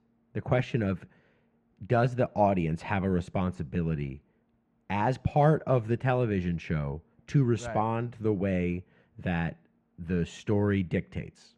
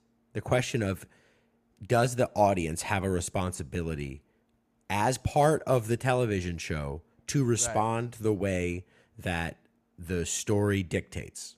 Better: second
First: muffled; very; fading above 2.5 kHz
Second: none

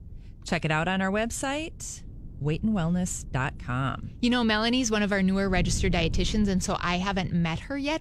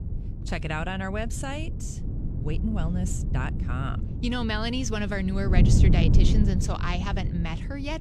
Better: first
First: wind noise on the microphone; occasional gusts; 25 dB below the speech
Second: wind noise on the microphone; heavy; 7 dB below the speech

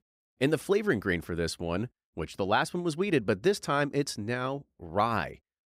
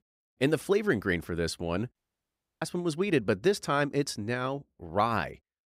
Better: first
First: none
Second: audio cutting out; at 2 s for 0.5 s

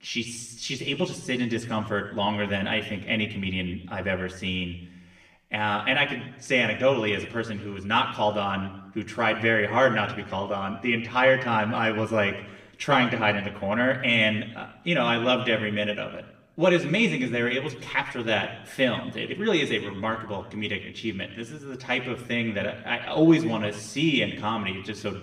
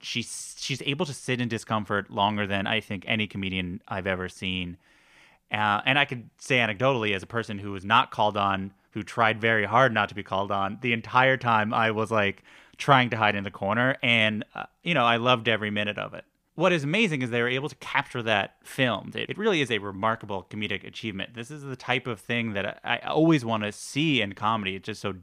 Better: second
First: room echo; slight; dies away in 0.8 s // off-mic speech; somewhat distant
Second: none

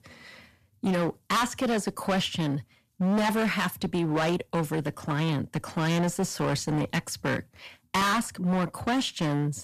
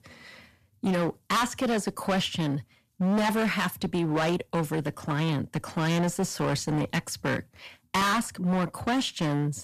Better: neither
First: distortion; heavy; 17% of the sound clipped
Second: distortion; heavy; 17% of the sound clipped

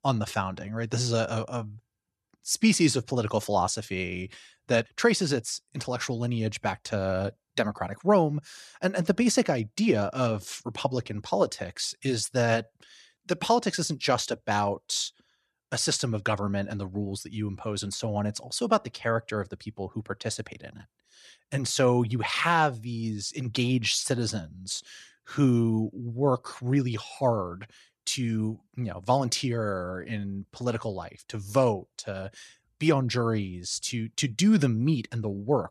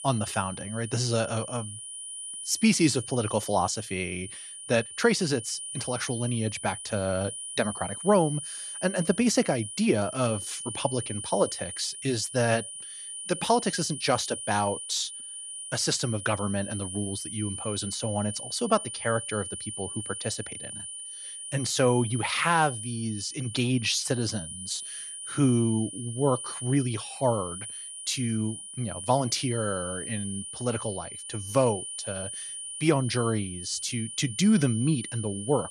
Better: first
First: none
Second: high-pitched whine; loud; throughout; 9.5 kHz, 8 dB below the speech

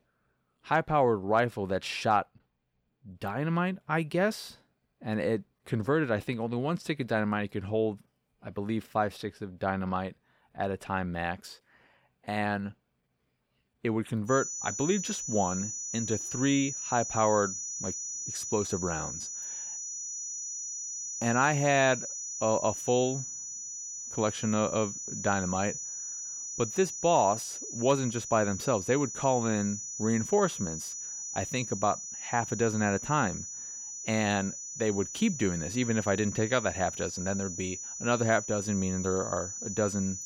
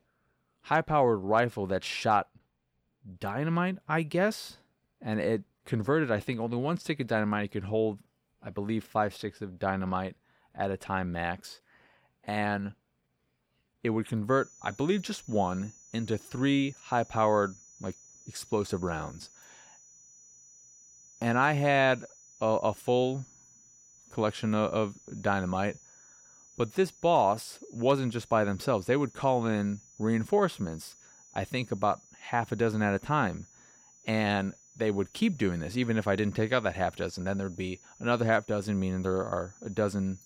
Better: second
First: high-pitched whine; loud; from 14 s on; 6 kHz, 6 dB below the speech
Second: high-pitched whine; faint; from 14 s on; 6 kHz, 25 dB below the speech

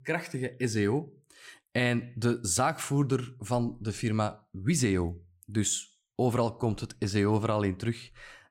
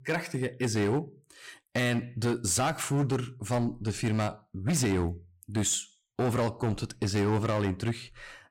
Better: first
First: none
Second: distortion; slight; 11% of the sound clipped

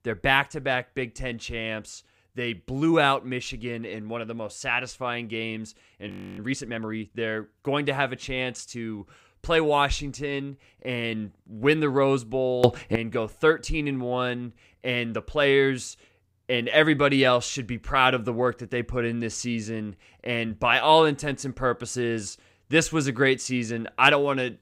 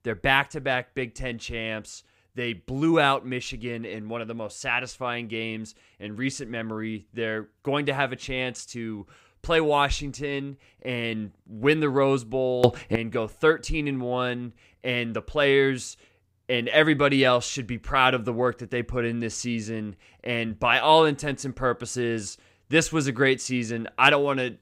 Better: second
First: audio freezing; at 6 s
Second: none

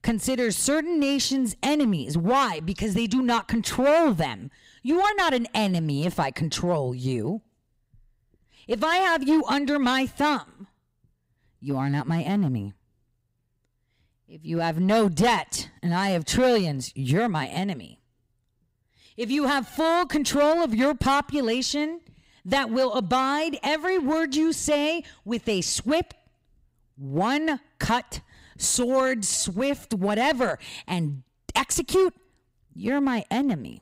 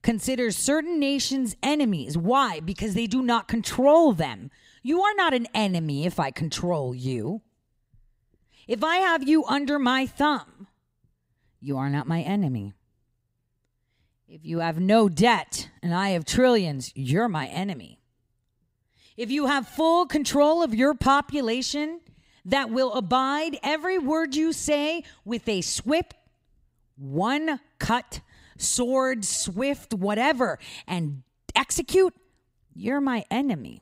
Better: second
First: distortion; slight; 5% of the sound clipped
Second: none

